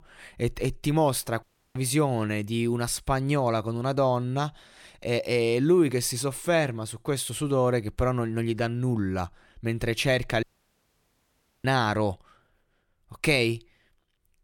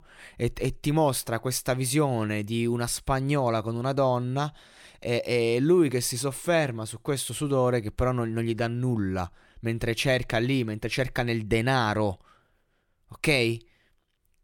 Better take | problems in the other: second | audio cutting out; at 1.5 s and at 10 s for 1 s

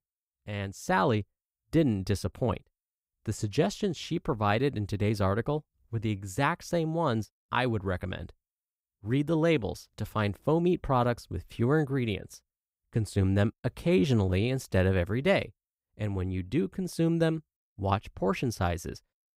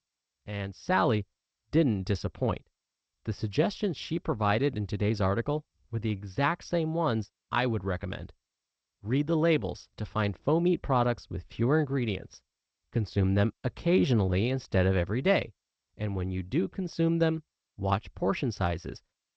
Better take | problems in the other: first | garbled, watery; slightly

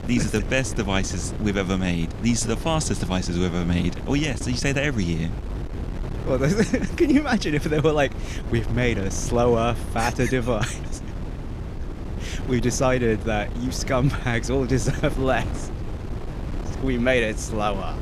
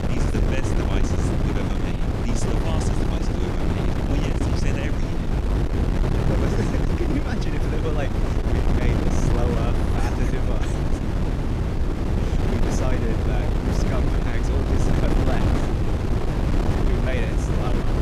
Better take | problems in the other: first | wind noise on the microphone; heavy; 4 dB above the speech; occasional gusts in the first

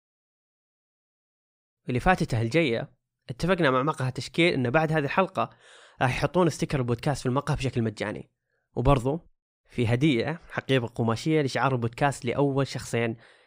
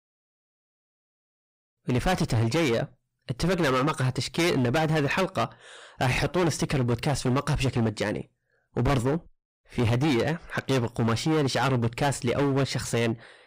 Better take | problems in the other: first | distortion; heavy; 18% of the sound clipped

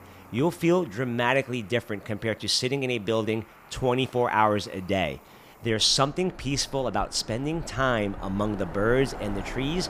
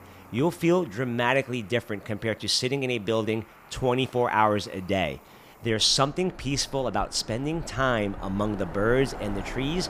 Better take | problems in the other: neither | animal sounds; noticeable; throughout; 20 dB below the speech; the same in both

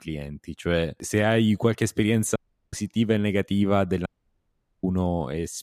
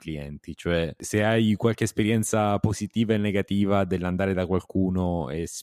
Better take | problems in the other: second | audio cutting out; at 2.5 s and at 4 s for 1 s

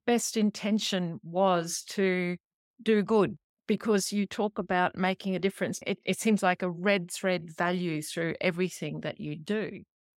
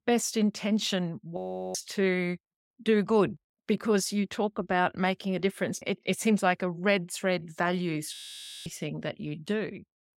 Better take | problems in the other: first | audio freezing; at 1.5 s and at 8 s for 0.5 s

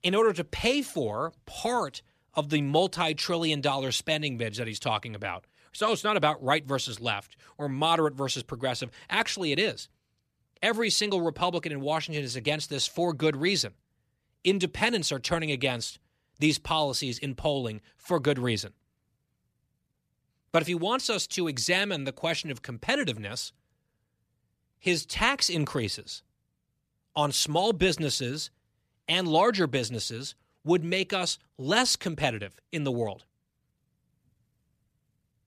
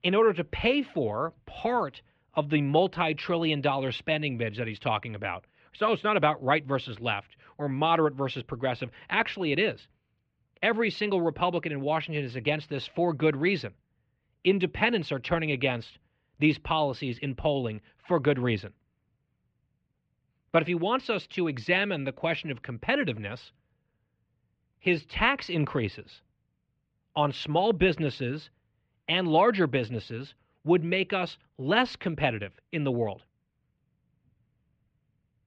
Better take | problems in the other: first | muffled; very; fading above 3 kHz

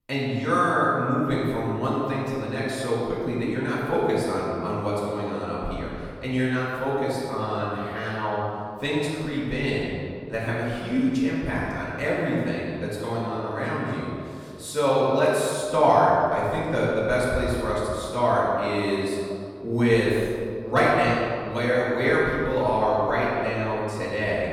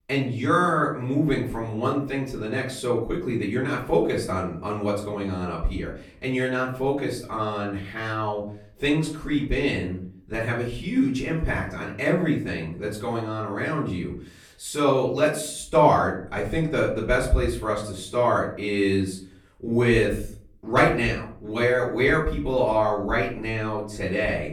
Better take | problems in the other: second | room echo; strong; dies away in 2.1 s; slight in the second // off-mic speech; far; far in the second

